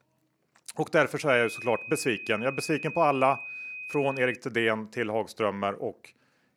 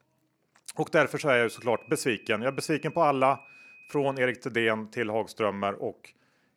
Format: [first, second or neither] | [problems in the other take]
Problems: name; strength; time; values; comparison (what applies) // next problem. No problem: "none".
second | high-pitched whine; loud; from 1.5 to 4.5 s; 2.5 kHz, 10 dB below the speech; faint in the second